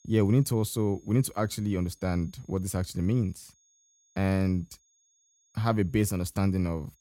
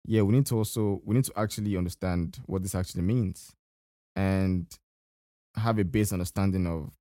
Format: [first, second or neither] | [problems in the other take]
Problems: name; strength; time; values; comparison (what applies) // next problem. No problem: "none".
second | high-pitched whine; faint; throughout; 6.5 kHz, 35 dB below the speech